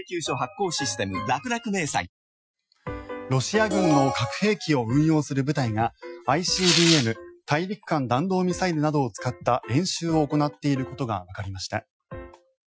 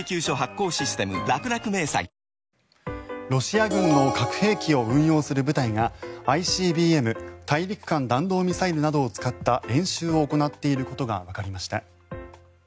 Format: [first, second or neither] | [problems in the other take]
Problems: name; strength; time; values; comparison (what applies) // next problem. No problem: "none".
second | noise reduction (classical method Wiener filter)